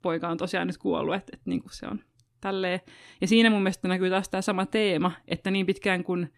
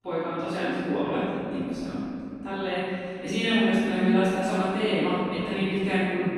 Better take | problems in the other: first | room echo; strong; dies away in 3 s // off-mic speech; far

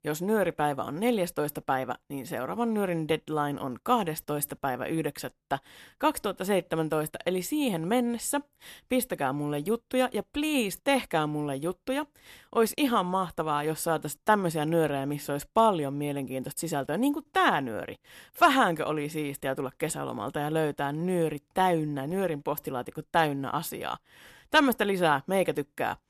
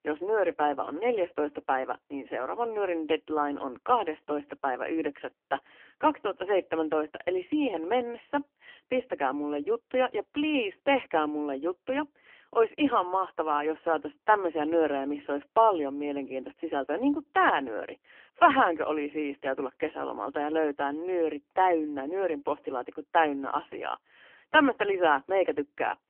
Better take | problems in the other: first | phone-call audio; poor line; nothing above 3 kHz

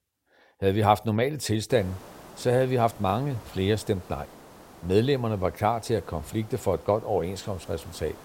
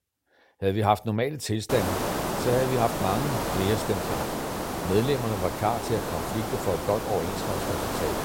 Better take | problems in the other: first | hiss; loud; from 1.5 s on; 2 dB below the speech; faint in the first

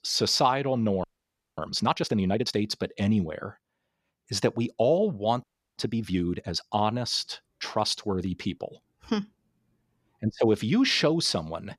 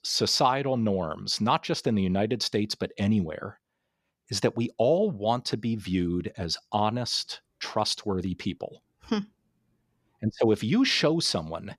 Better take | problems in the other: second | audio freezing; at 1 s for 0.5 s and at 5.5 s

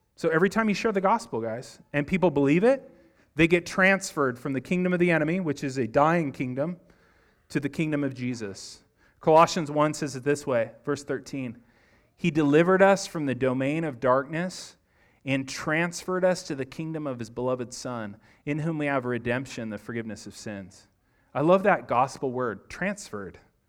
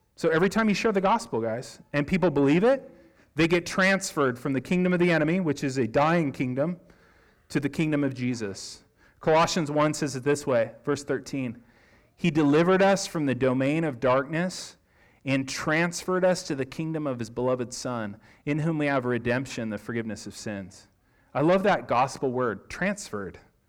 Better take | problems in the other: first | distortion; slight; 10 dB below the speech

